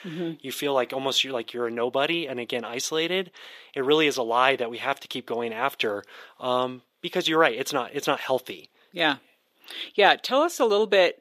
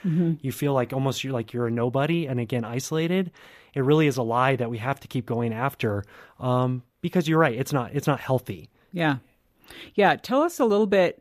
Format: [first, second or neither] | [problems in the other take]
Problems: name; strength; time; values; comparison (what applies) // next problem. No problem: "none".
second | thin; somewhat; fading below 400 Hz